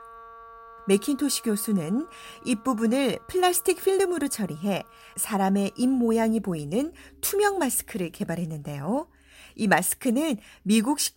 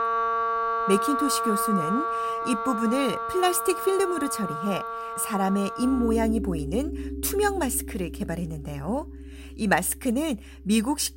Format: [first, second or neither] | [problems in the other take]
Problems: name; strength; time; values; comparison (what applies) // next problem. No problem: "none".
first | background music; loud; throughout; 3 dB below the speech; faint in the first